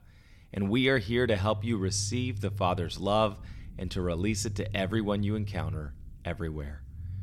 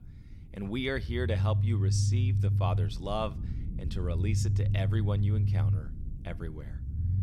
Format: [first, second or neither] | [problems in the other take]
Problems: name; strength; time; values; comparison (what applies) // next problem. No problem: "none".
first | low rumble; loud; throughout; 6 dB below the speech; faint in the first